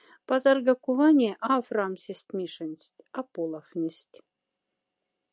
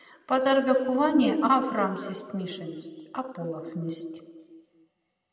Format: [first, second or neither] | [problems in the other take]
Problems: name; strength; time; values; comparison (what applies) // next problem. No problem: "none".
first | room echo; dies away in 1.8 s